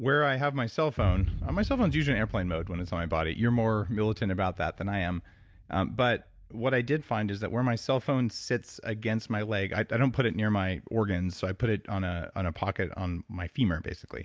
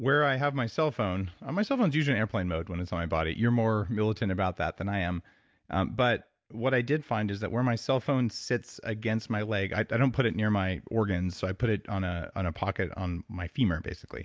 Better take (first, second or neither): second